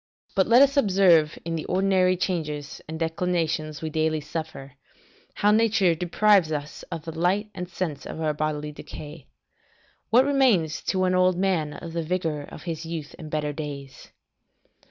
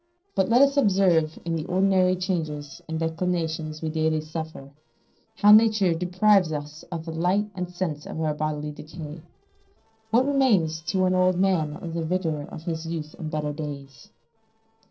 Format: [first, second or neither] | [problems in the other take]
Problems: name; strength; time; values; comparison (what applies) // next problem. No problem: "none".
first | noise reduction (neural separator model SepFormer DNS4)